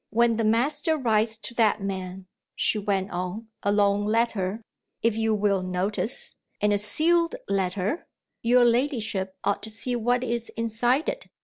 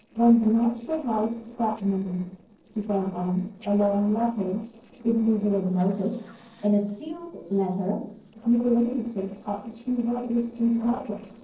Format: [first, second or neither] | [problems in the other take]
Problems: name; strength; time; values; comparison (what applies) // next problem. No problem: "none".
first | noise reduction (neural separator model SepFormer DNS4)